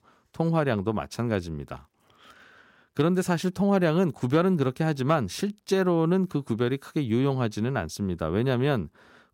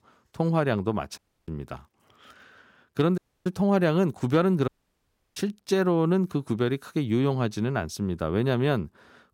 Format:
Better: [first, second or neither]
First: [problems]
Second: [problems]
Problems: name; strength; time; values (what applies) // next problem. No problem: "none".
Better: first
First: none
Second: audio cutting out; at 1 s, at 3 s and at 4.5 s for 0.5 s